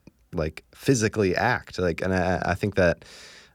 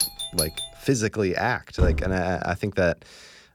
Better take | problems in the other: first | doorbell; loud; at the start; peak 2 dB above the speech // door banging; loud; at 2 s; peak 1 dB above the speech

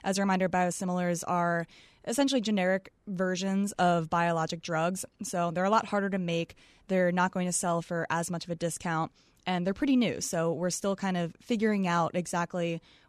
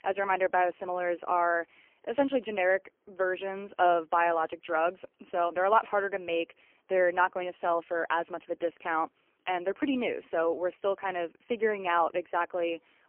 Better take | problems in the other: first | phone-call audio; poor line; nothing above 3 kHz

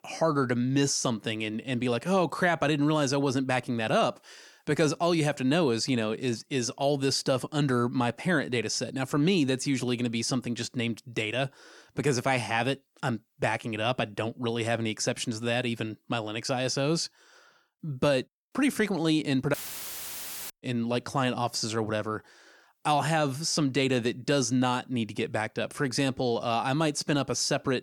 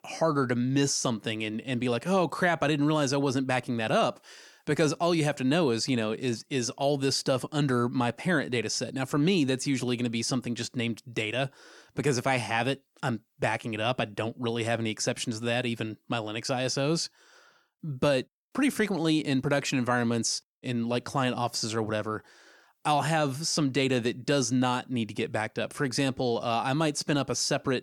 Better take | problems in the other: second | audio cutting out; filled with static; at 20 s for 1 s

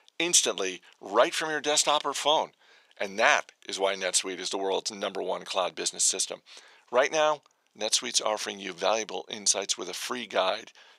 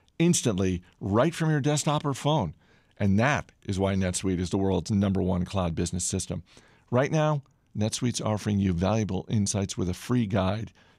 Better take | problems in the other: second | thin; very; fading below 500 Hz

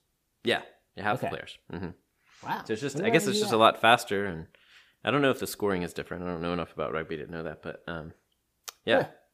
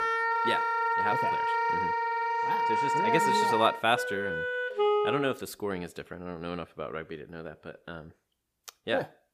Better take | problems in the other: first | background music; very loud; until 5 s; 5 dB above the speech

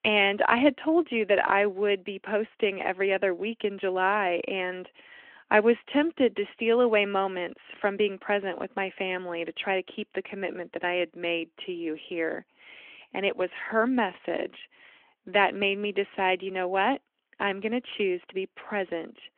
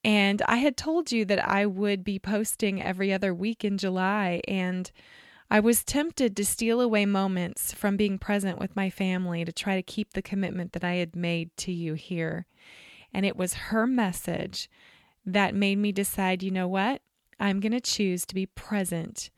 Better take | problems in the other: second | phone-call audio

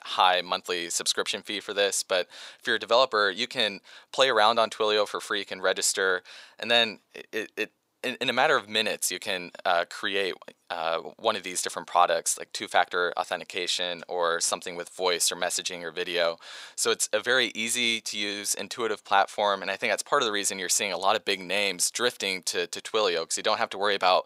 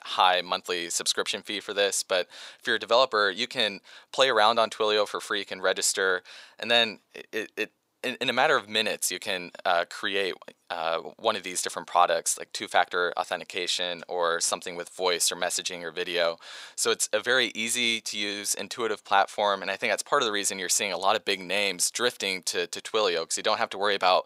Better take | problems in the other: neither | thin; very; fading below 700 Hz; the same in both

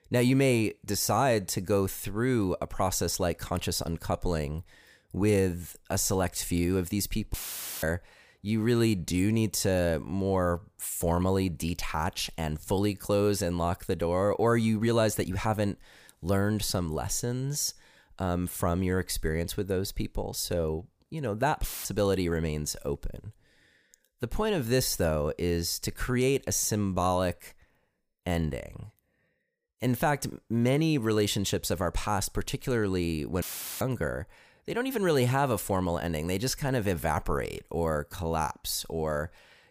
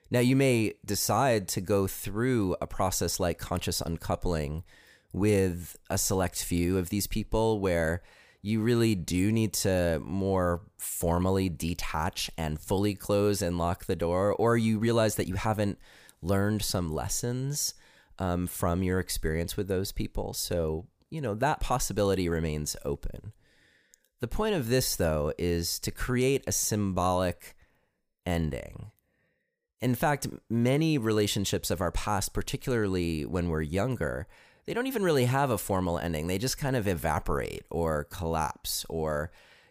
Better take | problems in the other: second | audio cutting out; filled with static; at 7.5 s, at 22 s and at 33 s

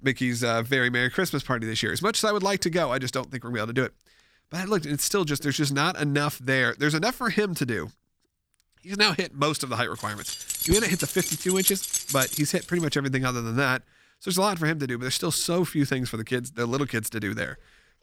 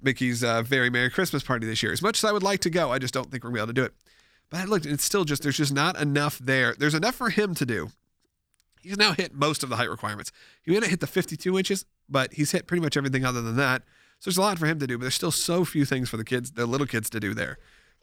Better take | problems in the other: second | jangling keys; loud; from 10 to 13 s; peak 2 dB above the speech

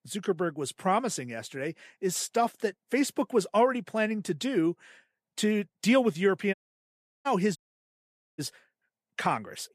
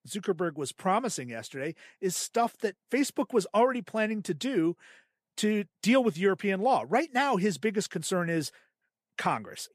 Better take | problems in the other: second | audio cutting out; at 6.5 s for 0.5 s and at 7.5 s for 1 s

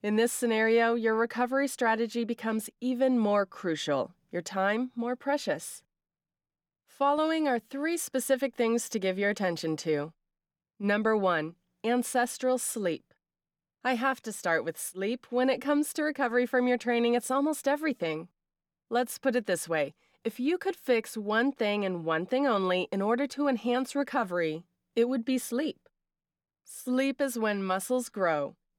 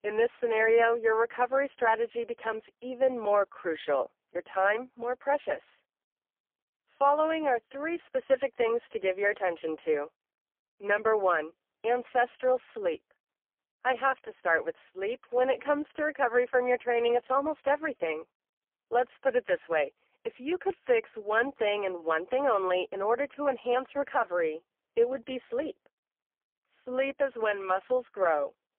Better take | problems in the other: first | phone-call audio; poor line; nothing above 3 kHz

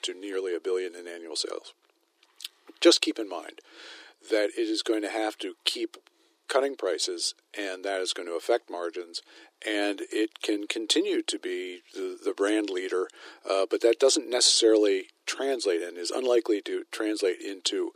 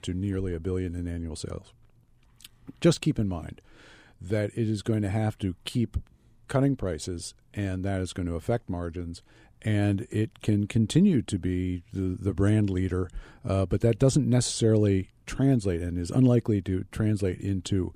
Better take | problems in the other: second | thin; very; fading below 300 Hz

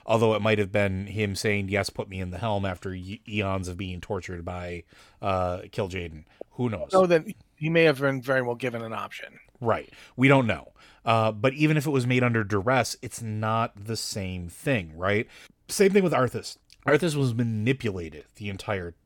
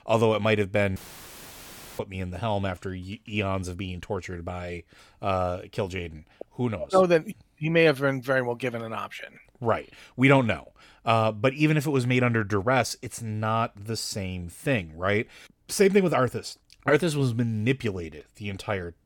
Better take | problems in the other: first | audio cutting out; filled with static; at 1 s for 1 s

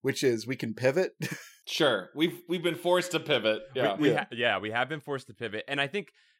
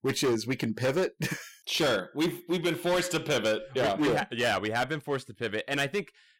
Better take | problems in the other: first | distortion; heavy; 12% of the sound clipped

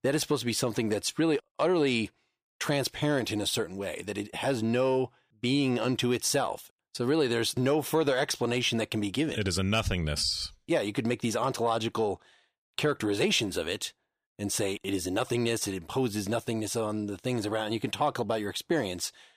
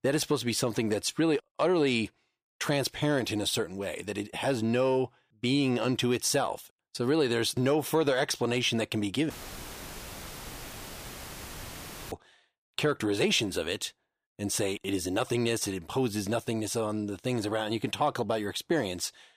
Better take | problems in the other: first | audio cutting out; filled with static; at 9.5 s for 3 s

